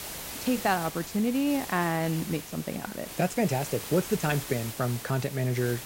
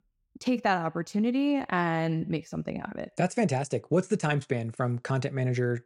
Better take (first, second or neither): second